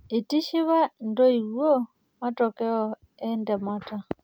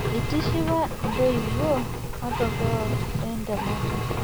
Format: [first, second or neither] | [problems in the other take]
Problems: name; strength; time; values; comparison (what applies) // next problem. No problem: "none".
first | background sound (Engine); 1 dB above the speech